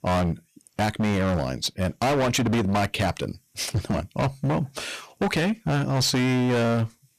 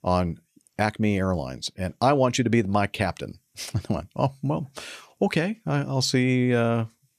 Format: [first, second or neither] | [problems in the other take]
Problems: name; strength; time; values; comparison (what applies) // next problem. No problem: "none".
second | distortion; heavy; 23% of the sound clipped